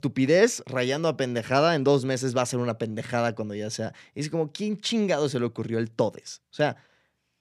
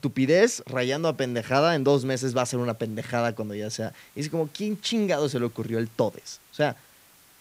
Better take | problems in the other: first | hiss; faint; throughout; 30 dB below the speech

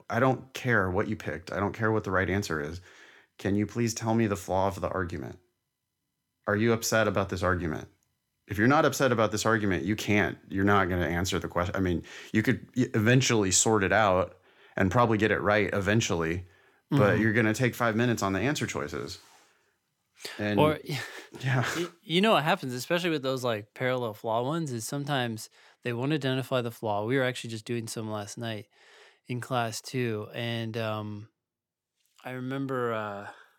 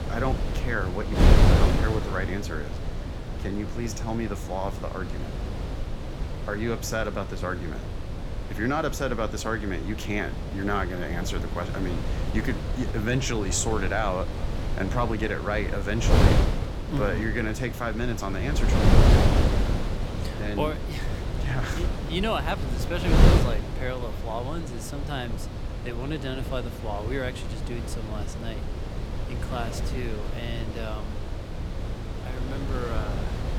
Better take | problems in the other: first | wind noise on the microphone; heavy; 3 dB below the speech

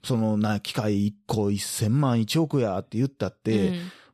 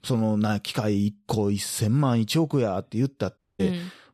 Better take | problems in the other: first | audio cutting out; at 3.5 s

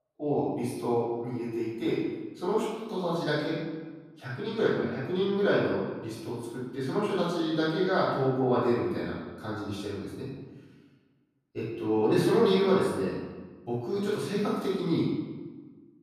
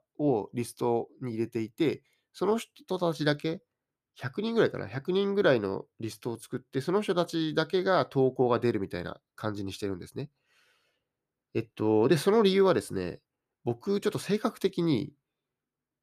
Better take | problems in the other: second | room echo; strong; dies away in 1.1 s // off-mic speech; far

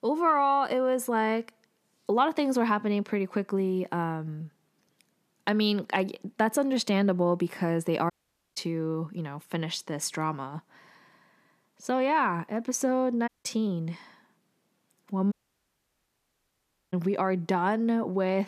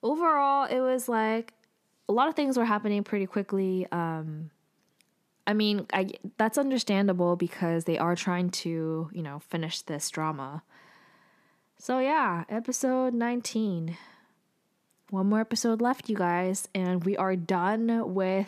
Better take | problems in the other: second | audio cutting out; at 8 s, at 13 s and at 15 s for 1.5 s

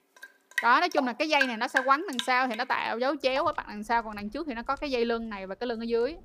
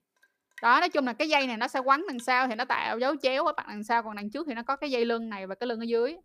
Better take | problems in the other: second | rain or running water; loud; throughout; 6 dB below the speech; faint in the second

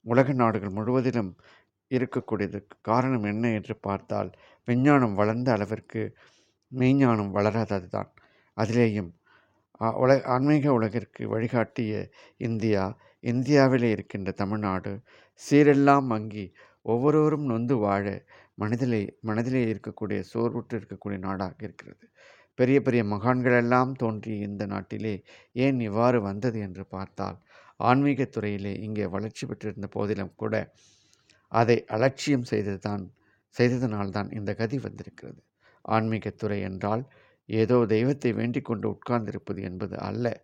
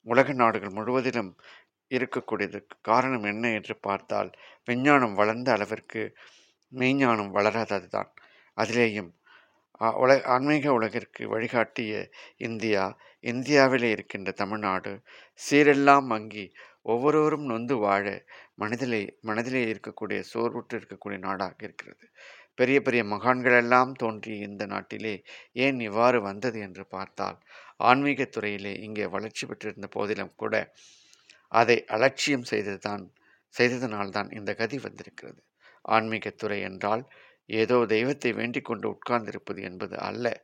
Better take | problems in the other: first | thin; very slightly; fading below 1 kHz

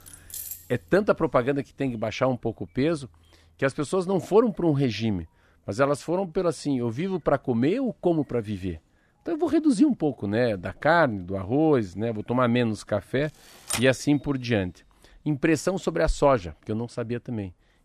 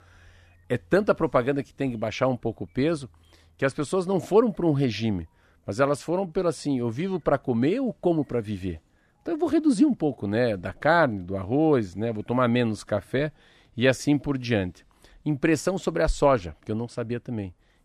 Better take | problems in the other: second | jangling keys; noticeable; at the start; peak 9 dB below the speech // keyboard typing; noticeable; at 14 s; peak 5 dB below the speech

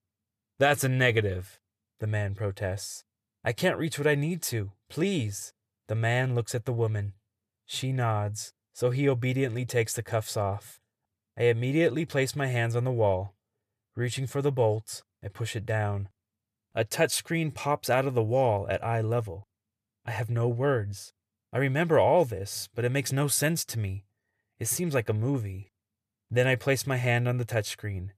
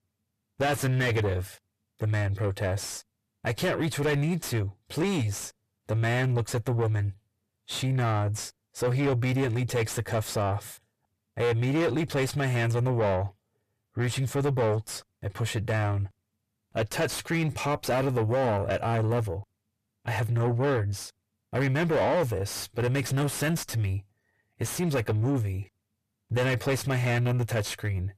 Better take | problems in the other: first | distortion; heavy; 6 dB below the speech

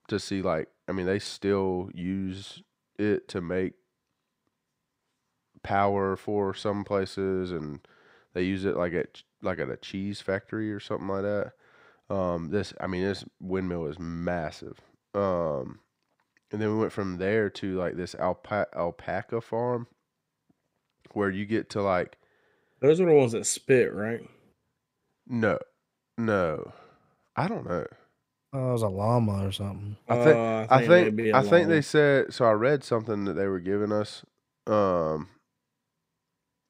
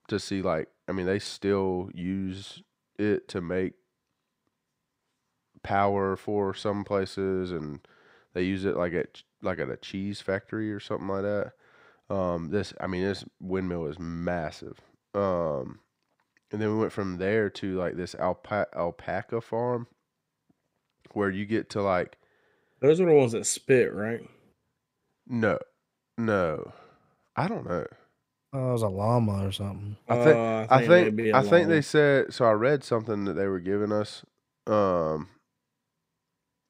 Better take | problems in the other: neither | none

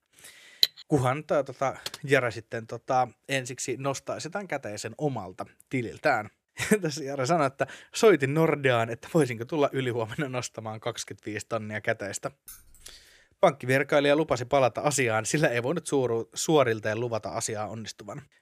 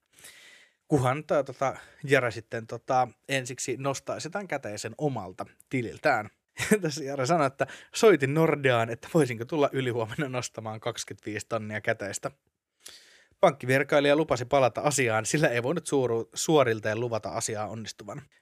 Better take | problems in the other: second | clattering dishes; very faint; at 0.5 s; peak 2 dB above the speech // keyboard typing; faint; at 2 s; peak 10 dB below the speech // jangling keys; faint; at 12 s; peak 20 dB below the speech

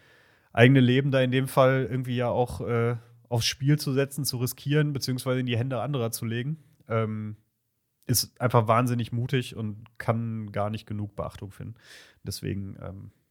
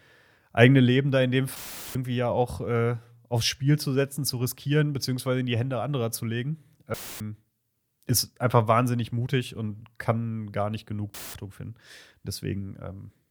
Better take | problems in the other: first | audio cutting out; filled with static; at 1.5 s, at 7 s and at 11 s

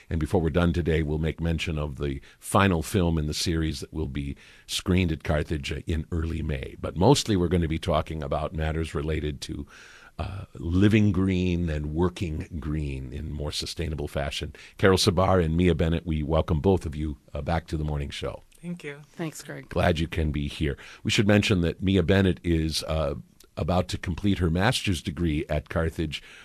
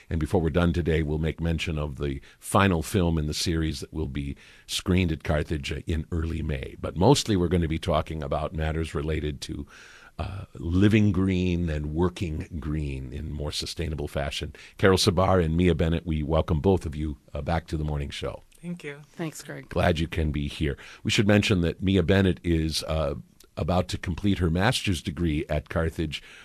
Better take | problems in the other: neither | garbled, watery; slightly; nothing above 12.5 kHz; the same in both

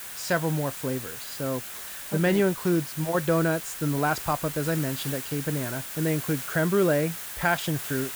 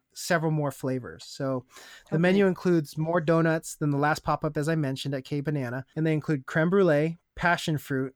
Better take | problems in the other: second | hiss; loud; throughout; 7 dB below the speech

